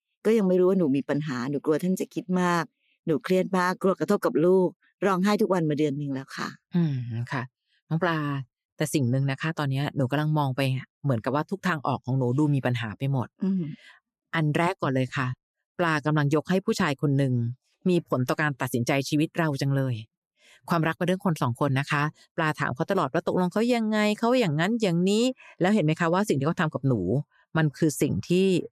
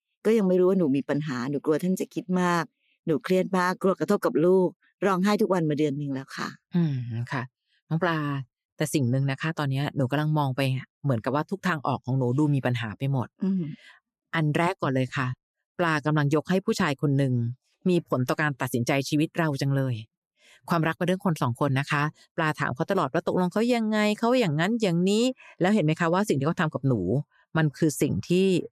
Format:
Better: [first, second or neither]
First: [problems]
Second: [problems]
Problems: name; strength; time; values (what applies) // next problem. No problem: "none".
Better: neither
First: none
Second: none